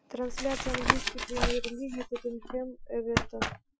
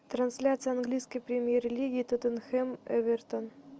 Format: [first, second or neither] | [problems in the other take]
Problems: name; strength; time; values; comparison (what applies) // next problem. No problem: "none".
second | noise reduction (classical method Wiener filter)